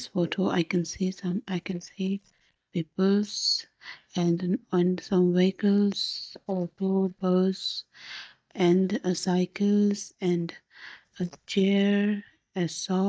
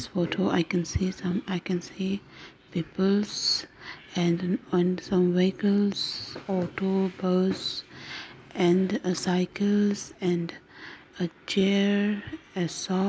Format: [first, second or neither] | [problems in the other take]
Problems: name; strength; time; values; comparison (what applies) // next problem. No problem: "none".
second | noise reduction (neural mask model DeepFilterNet 3)